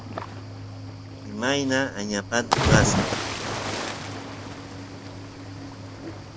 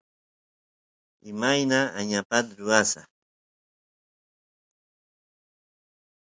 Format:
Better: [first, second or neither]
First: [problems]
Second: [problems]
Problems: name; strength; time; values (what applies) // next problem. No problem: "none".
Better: second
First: background sound (Cricket / Waves, surf); 2 dB above the speech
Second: none